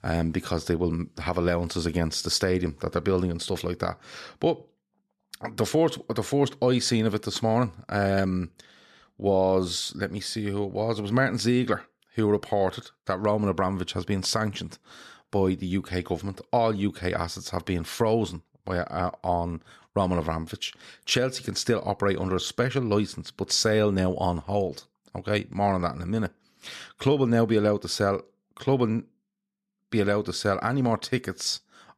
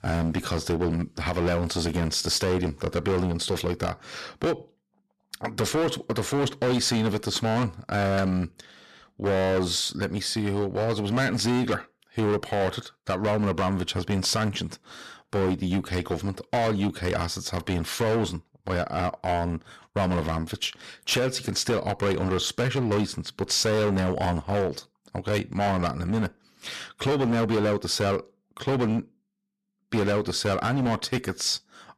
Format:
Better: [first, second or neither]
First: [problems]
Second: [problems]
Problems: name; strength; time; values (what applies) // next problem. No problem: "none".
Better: first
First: none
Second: distortion; heavy; 15% of the sound clipped